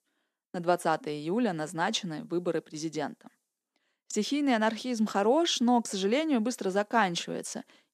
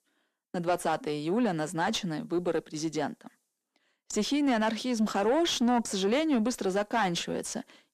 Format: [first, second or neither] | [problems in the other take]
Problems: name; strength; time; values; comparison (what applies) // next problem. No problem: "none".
first | distortion; slight; 10 dB below the speech